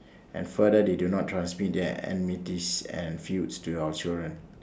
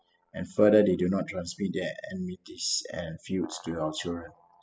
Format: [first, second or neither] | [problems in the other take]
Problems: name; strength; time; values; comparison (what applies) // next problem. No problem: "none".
first | noise reduction (classical method spectral subtraction)